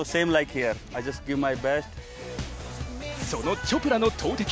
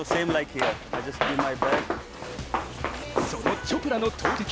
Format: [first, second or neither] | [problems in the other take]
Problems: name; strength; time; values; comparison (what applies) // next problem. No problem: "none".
first | background sound (Run); as loud as the speech